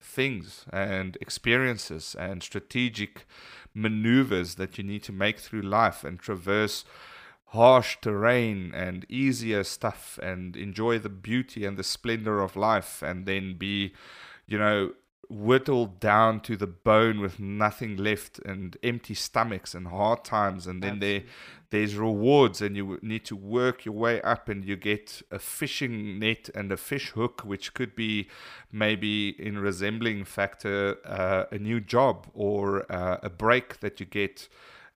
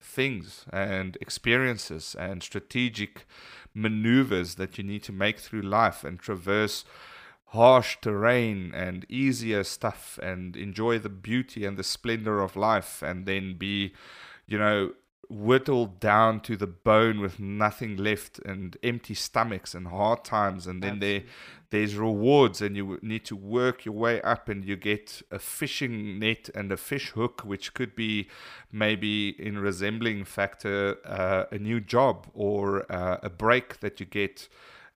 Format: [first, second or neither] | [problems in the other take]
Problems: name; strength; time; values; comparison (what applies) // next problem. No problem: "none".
neither | none